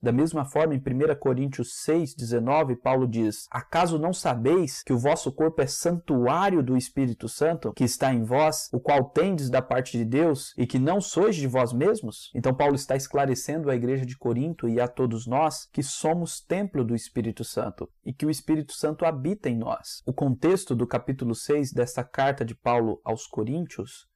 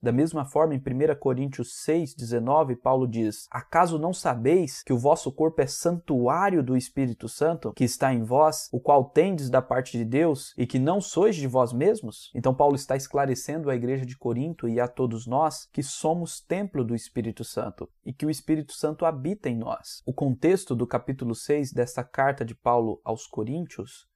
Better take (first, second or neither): second